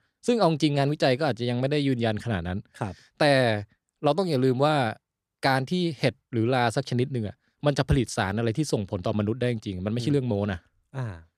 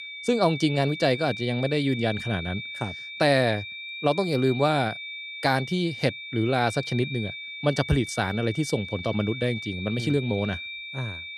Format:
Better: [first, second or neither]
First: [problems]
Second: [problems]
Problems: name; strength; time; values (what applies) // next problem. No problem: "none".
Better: first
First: none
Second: high-pitched whine; loud; throughout; 2.5 kHz, 9 dB below the speech